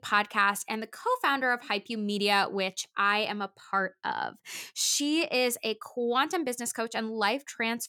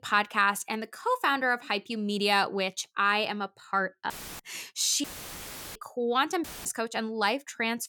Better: first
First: none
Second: audio cutting out; filled with static; at 4 s, at 5 s for 0.5 s and at 6.5 s

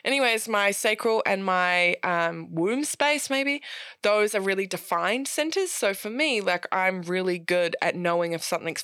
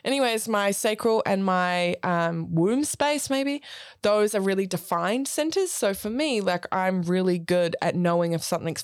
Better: second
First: thin; very slightly; fading below 250 Hz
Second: none

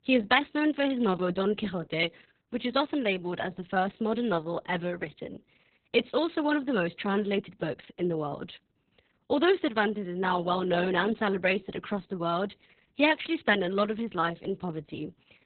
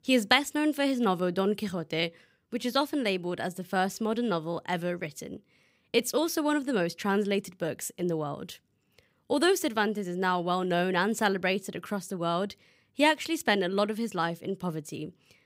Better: second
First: garbled, watery; badly; nothing above 4 kHz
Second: none

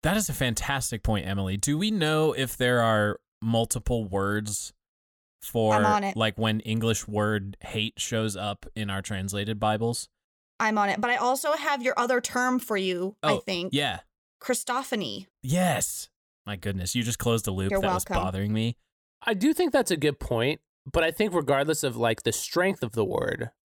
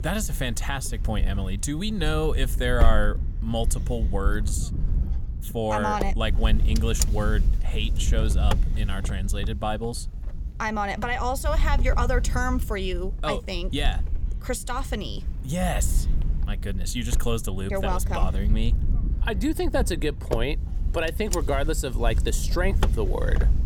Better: first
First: none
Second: wind noise on the microphone; occasional gusts; 10 dB below the speech

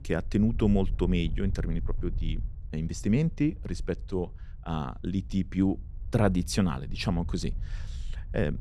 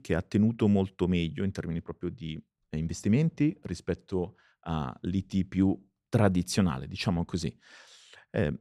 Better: second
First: wind noise on the microphone; occasional gusts; 20 dB below the speech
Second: none

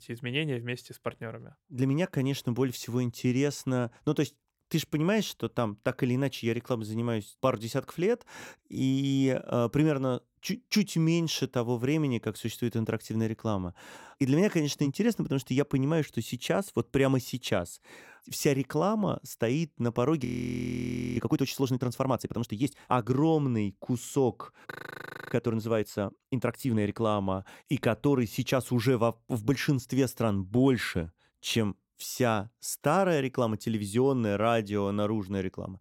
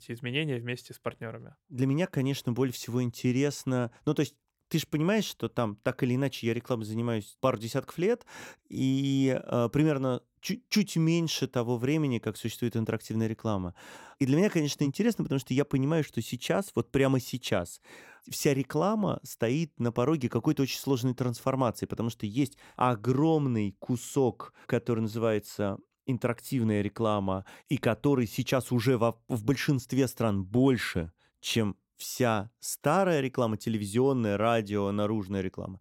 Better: second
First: audio freezing; at 20 s for 1 s and at 25 s for 0.5 s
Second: none

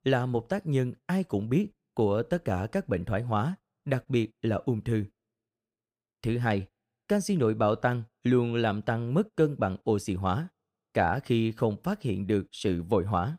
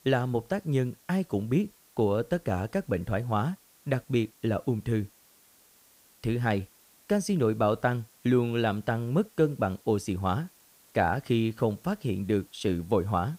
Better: first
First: none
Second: hiss; faint; throughout; 30 dB below the speech

